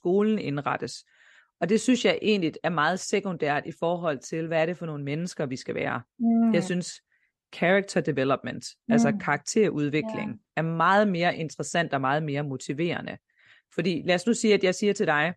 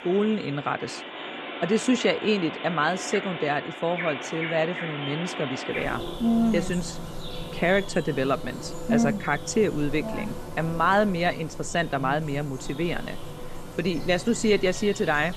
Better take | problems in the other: first | animal sounds; loud; throughout; 10 dB below the speech

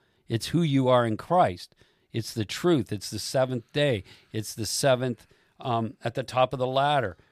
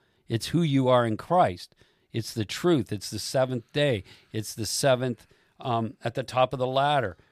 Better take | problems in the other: neither | none

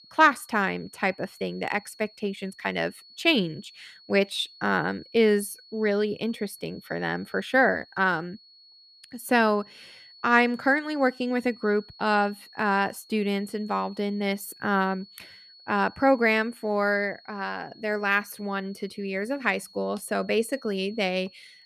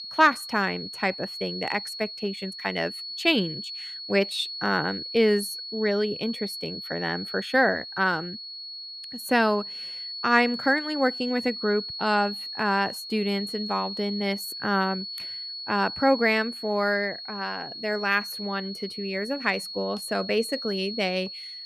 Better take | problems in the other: first | high-pitched whine; loud; throughout; 4.5 kHz, 8 dB below the speech; faint in the first

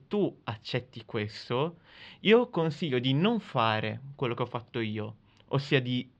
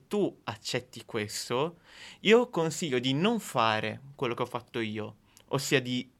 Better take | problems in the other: second | muffled; slightly; fading above 4 kHz

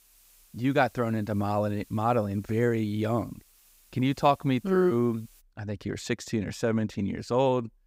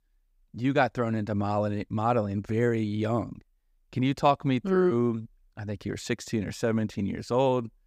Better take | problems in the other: second | hiss; faint; until 5.5 s; 30 dB below the speech

